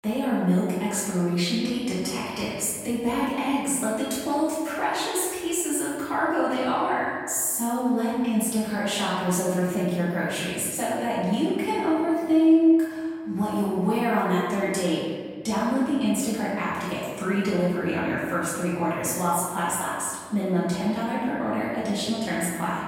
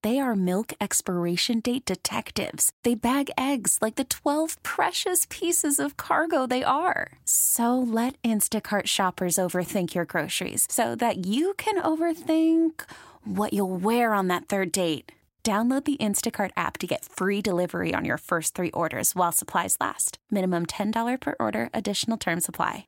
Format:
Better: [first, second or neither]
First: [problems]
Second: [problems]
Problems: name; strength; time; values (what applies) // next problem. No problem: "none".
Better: second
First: room echo; strong; dies away in 1.6 s // off-mic speech; far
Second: none